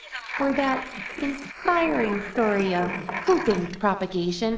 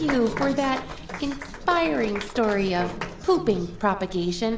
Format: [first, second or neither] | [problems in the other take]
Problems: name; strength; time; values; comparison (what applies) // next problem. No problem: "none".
second | noise reduction (neural mask model Resemble Enhance denoiser)